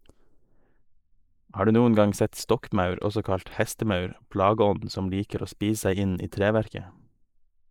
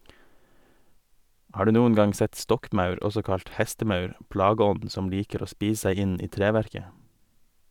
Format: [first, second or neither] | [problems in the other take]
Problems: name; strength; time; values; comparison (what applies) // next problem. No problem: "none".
second | noise reduction (neural mask model Resemble Enhance denoiser)